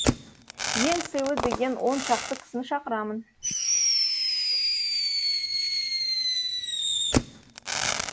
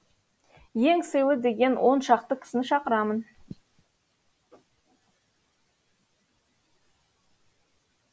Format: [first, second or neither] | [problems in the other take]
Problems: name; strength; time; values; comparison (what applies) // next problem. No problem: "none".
second | background sound (Fireworks); 5 dB above the speech